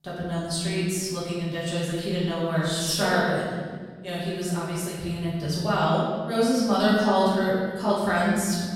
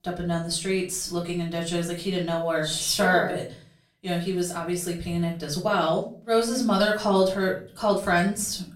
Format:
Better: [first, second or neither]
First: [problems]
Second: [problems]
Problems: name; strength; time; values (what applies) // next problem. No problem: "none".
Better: second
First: room echo; strong; dies away in 1.6 s // off-mic speech; far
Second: room echo; slight; dies away in 0.3 s // off-mic speech; far